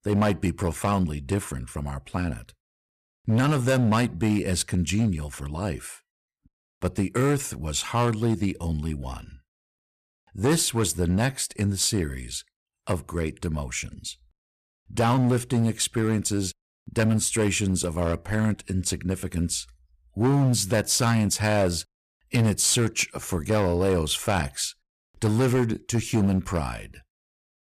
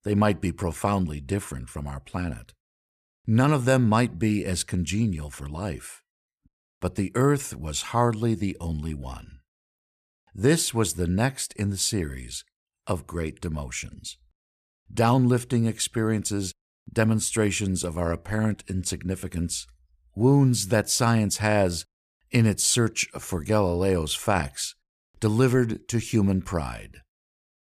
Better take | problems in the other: second | distortion; slight; 6% of the sound clipped

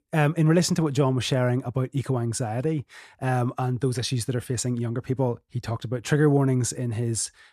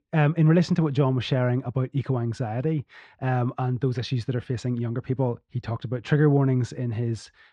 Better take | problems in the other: first | muffled; slightly; fading above 4 kHz

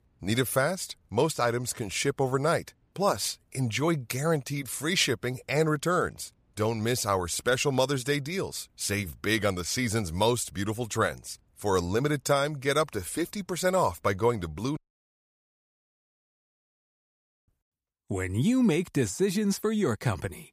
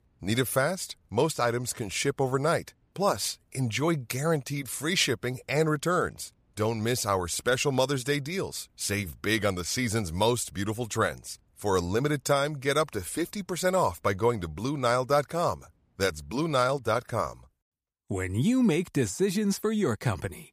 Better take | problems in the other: second | audio cutting out; at 15 s for 2.5 s

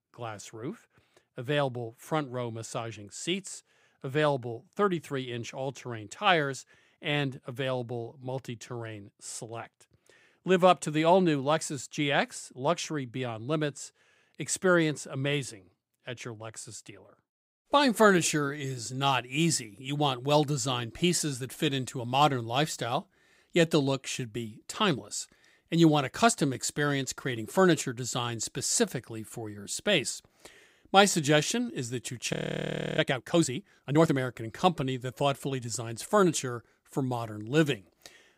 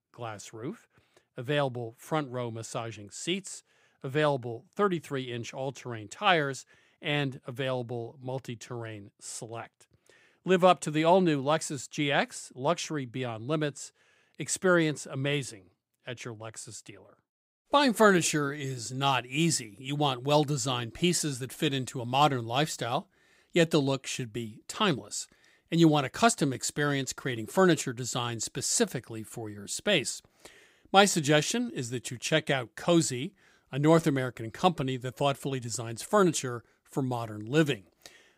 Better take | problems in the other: second | audio freezing; at 32 s for 0.5 s

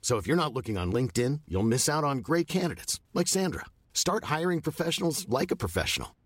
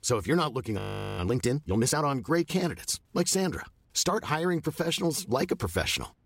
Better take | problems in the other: first | audio freezing; at 1 s

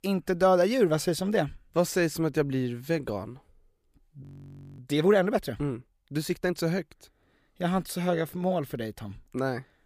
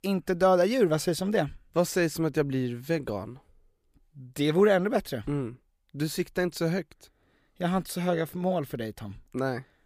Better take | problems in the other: second | audio freezing; at 4 s for 0.5 s

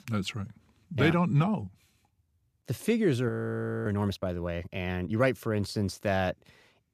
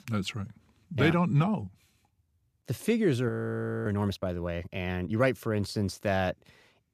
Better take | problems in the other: neither | audio freezing; at 3.5 s for 0.5 s; the same in both

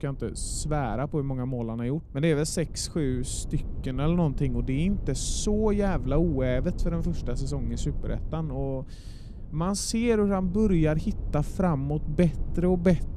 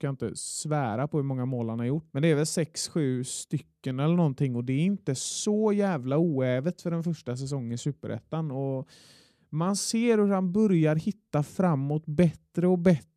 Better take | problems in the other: second | low rumble; noticeable; throughout; 20 dB below the speech

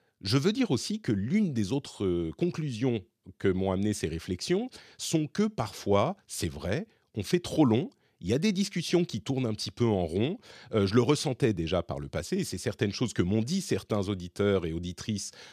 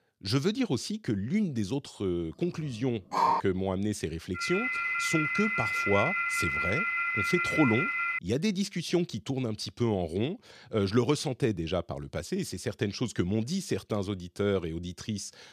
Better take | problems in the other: first | dog barking; loud; at 3 s; peak 5 dB above the speech // phone ringing; loud; from 4.5 to 8 s; peak 3 dB above the speech

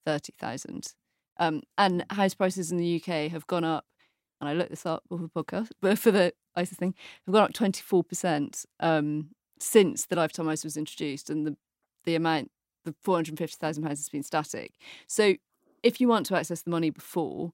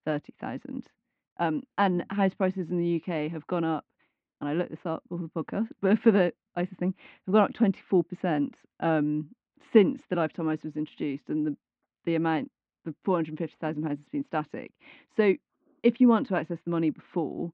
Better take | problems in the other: first | muffled; very; fading above 2.5 kHz

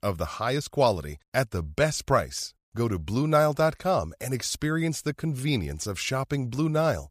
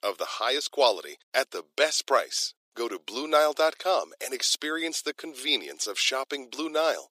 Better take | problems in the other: first | thin; very; fading below 350 Hz

